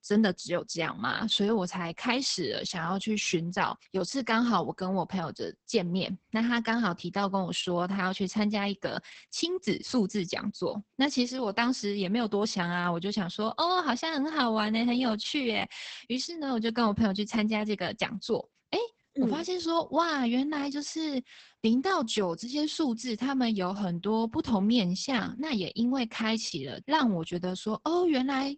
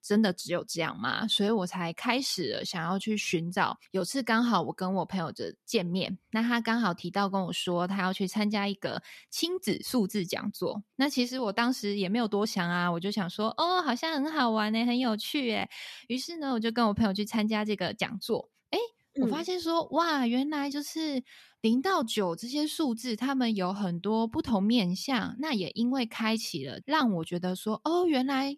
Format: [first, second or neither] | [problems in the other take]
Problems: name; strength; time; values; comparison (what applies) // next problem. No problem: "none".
second | garbled, watery; badly; nothing above 8 kHz